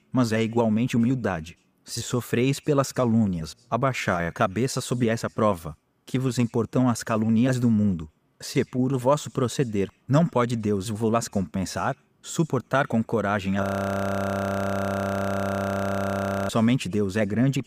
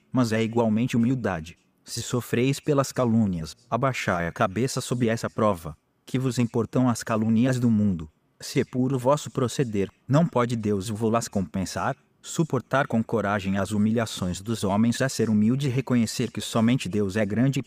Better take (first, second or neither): second